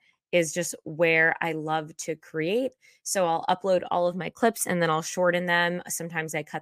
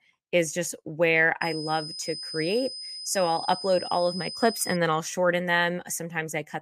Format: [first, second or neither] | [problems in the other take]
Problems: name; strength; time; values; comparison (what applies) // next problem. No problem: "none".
first | high-pitched whine; loud; from 1.5 to 5 s; 5 kHz, 9 dB below the speech